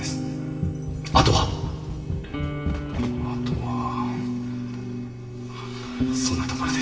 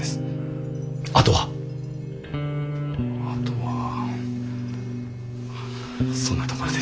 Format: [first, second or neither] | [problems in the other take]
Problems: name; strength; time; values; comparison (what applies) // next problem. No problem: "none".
second | background sound (Run); 5 dB below the speech // room echo; dies away in 2.9 s